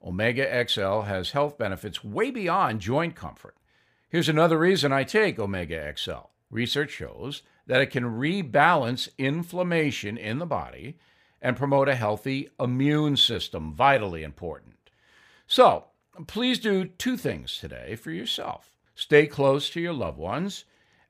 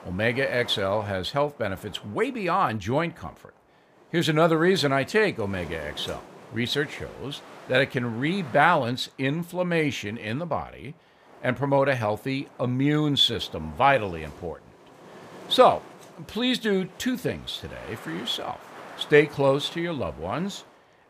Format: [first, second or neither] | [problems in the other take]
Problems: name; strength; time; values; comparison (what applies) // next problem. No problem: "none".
first | wind noise on the microphone; occasional gusts; 20 dB below the speech